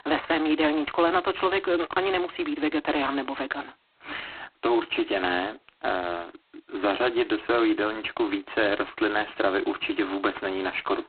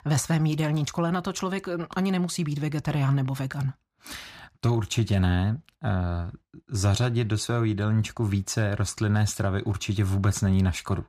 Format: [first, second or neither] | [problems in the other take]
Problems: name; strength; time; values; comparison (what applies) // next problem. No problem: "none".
second | phone-call audio; poor line; nothing above 4 kHz